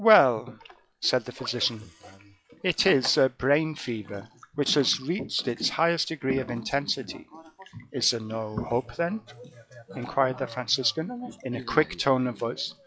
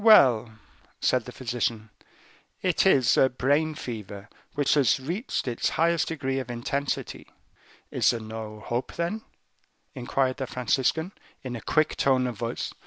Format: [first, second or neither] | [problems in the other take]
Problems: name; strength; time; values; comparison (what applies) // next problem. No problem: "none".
second | noise reduction (classical method log-MMSE)